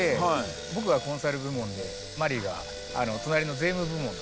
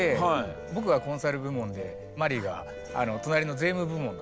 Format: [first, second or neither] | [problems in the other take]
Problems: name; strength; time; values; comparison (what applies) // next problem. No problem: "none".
second | background sound (Sawing); 13 dB below the speech